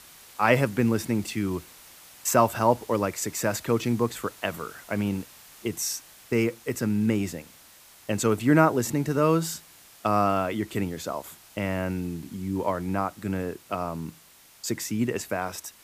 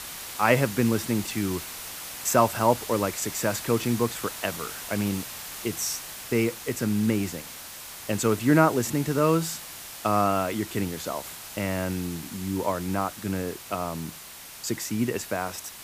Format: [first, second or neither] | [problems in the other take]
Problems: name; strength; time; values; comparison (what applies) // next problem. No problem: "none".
first | hiss; loud; throughout; 10 dB below the speech; faint in the first